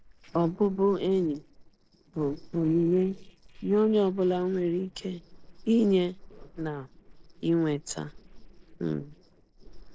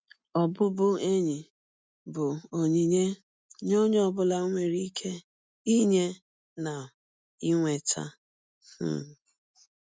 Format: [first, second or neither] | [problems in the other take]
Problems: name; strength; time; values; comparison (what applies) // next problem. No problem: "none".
second | noise reduction (neural separator model SepFormer DNS4)